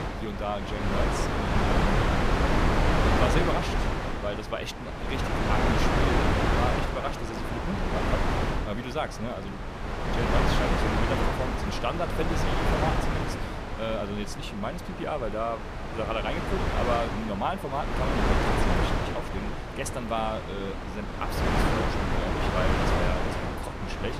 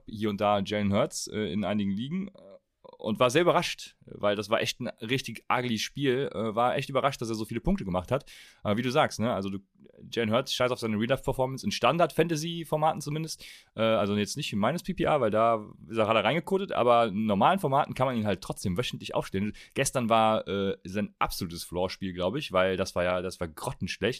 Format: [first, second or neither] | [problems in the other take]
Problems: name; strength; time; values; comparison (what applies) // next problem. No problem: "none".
second | wind noise on the microphone; heavy; 4 dB above the speech